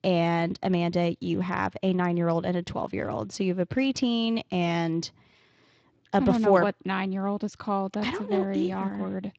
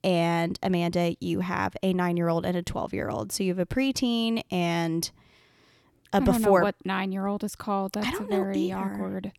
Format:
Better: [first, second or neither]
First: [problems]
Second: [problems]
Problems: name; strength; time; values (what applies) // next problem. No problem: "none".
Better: second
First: garbled, watery; slightly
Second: none